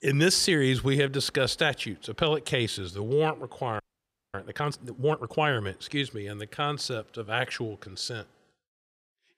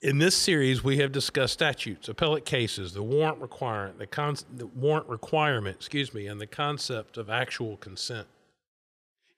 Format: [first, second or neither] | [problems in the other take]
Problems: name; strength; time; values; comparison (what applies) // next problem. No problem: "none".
second | audio freezing; at 4 s for 0.5 s